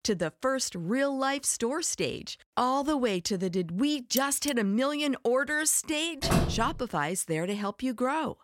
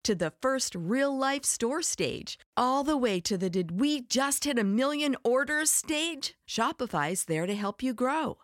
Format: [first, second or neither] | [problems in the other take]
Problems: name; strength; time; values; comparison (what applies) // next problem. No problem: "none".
second | clattering dishes; noticeable; at 4 s; peak 7 dB below the speech // door banging; loud; at 6 s; peak 1 dB above the speech